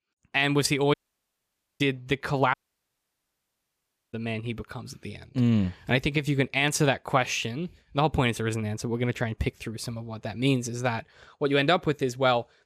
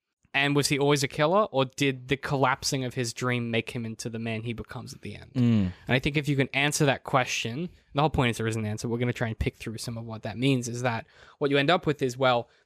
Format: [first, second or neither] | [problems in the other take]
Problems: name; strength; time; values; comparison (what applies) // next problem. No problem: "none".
second | audio cutting out; at 1 s for 1 s and at 2.5 s for 1.5 s